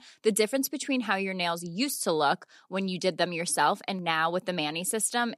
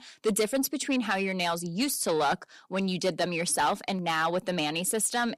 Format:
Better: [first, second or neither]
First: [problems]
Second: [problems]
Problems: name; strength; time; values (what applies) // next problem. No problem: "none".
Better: first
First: none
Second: distortion; slight; 10 dB below the speech